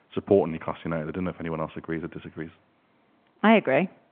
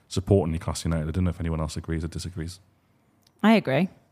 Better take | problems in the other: second | phone-call audio

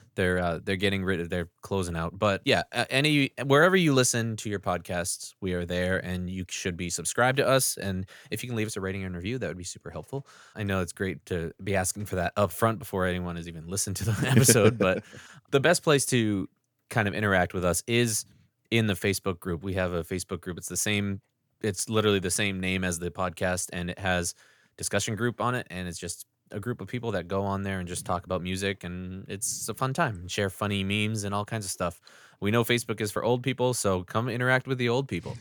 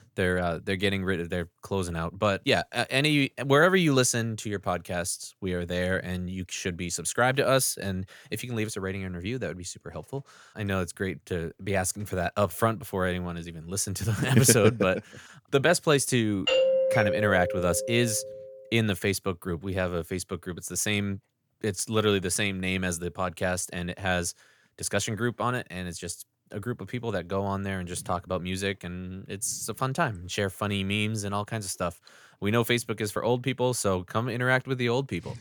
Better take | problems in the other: first | doorbell; loud; from 16 to 18 s; peak 5 dB above the speech

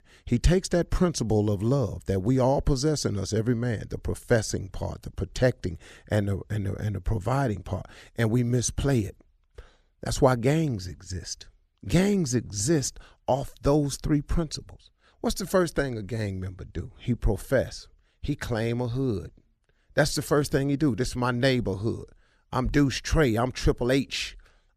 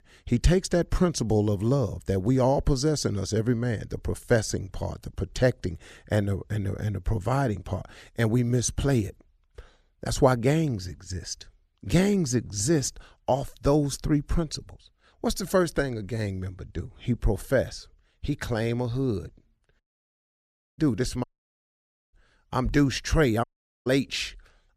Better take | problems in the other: first | audio cutting out; at 20 s for 1 s, at 21 s for 1 s and at 23 s

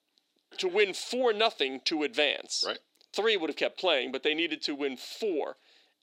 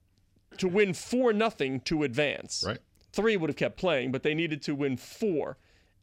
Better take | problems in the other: second | thin; somewhat; fading below 300 Hz

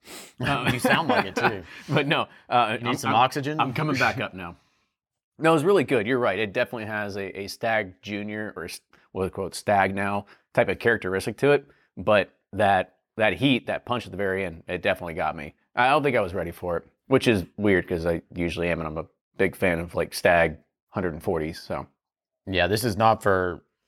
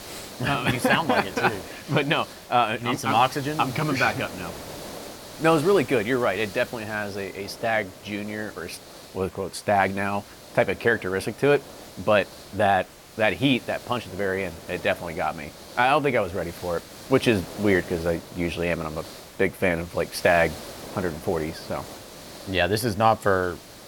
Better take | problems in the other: first | hiss; noticeable; throughout; 15 dB below the speech

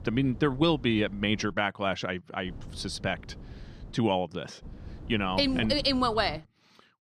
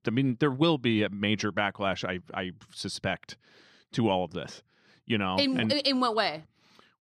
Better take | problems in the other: second | wind noise on the microphone; occasional gusts; until 1.5 s, from 2.5 to 4 s and from 4.5 to 6.5 s; 25 dB below the speech

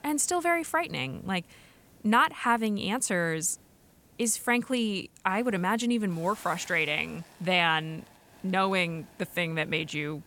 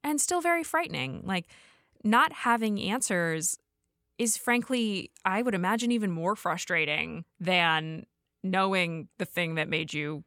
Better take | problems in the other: second | hiss; faint; throughout; 25 dB below the speech

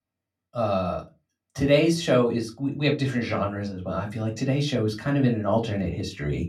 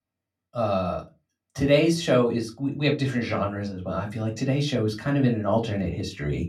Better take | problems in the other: neither | off-mic speech; far; the same in both // room echo; very slight; dies away in 0.2 s; the same in both

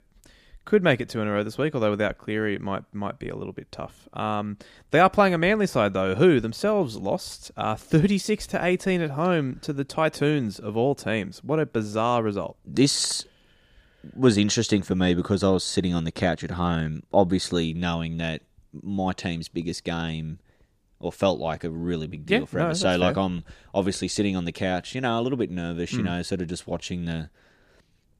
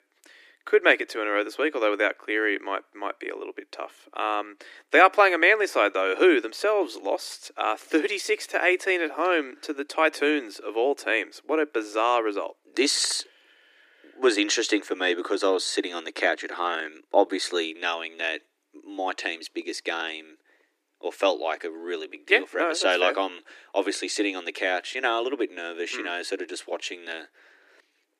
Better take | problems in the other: first | thin; very; fading below 300 Hz

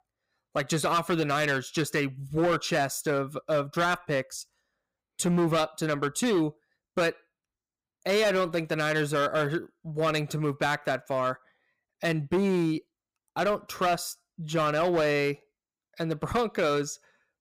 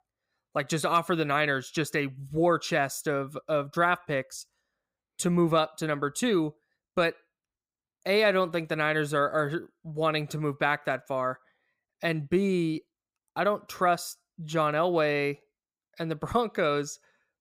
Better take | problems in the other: second | distortion; slight; 8% of the sound clipped

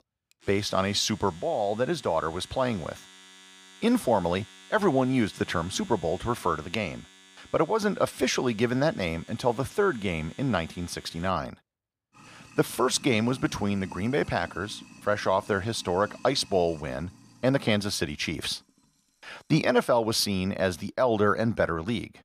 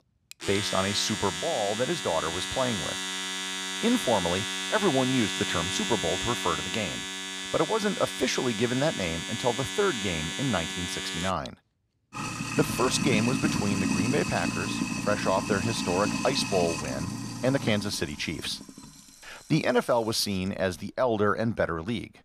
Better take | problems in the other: first | household noises; loud; throughout; 2 dB below the speech; faint in the first

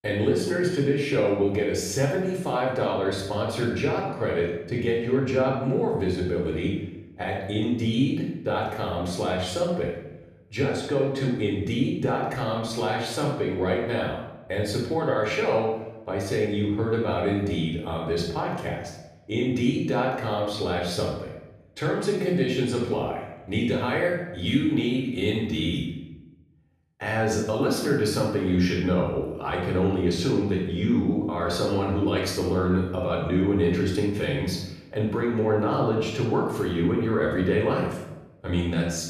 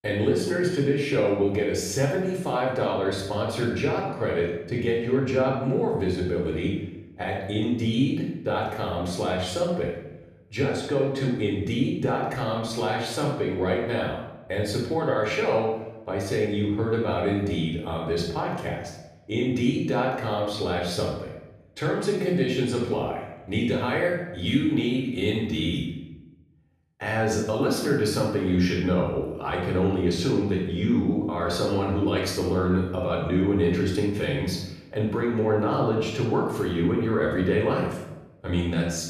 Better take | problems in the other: neither | off-mic speech; far; the same in both // room echo; noticeable; dies away in 0.8 s; the same in both

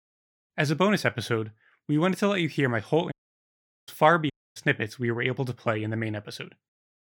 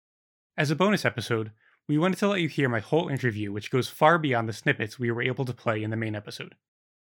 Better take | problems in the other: second | audio cutting out; at 3 s for 1 s and at 4.5 s

